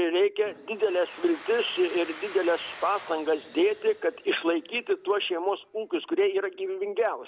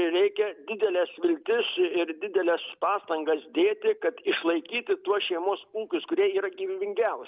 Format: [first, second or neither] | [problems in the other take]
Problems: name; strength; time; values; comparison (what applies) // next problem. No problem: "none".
second | background sound (Domestic sounds, home sounds); 20 dB below the speech